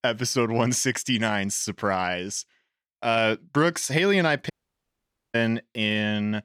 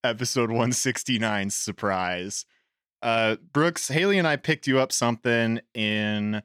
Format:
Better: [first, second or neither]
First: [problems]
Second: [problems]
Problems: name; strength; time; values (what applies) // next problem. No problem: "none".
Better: second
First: audio cutting out; at 4.5 s for 1 s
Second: none